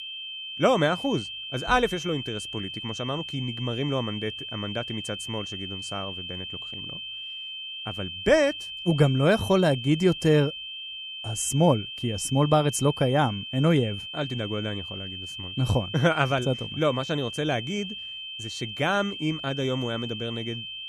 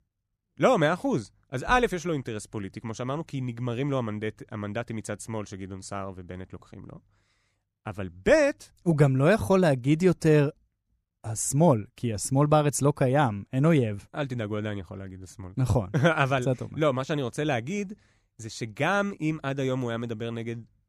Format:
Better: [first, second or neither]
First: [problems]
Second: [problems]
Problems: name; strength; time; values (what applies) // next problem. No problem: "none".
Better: second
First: high-pitched whine; loud; throughout; 3 kHz, 8 dB below the speech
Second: none